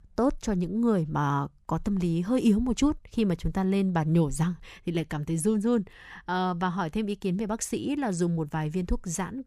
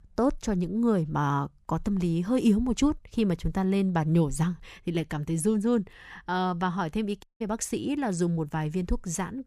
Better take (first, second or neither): first